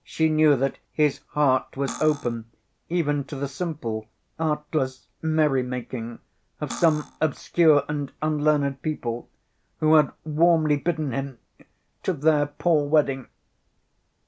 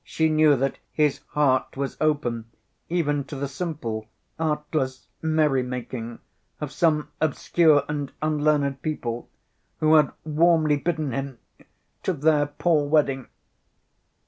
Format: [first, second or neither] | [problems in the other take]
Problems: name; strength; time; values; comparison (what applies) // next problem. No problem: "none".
second | background sound (Cutlery, silverware); 13 dB below the speech